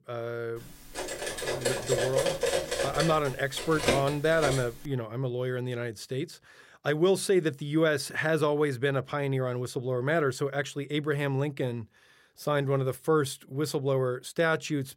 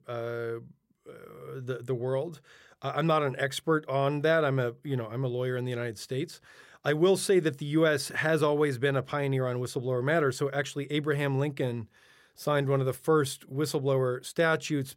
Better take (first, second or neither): second